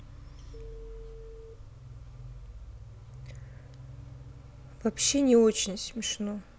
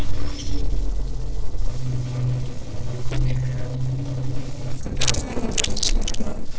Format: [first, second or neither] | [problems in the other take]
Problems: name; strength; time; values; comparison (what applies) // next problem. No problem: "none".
first | noise reduction (neural separator model SepFormer DNS4)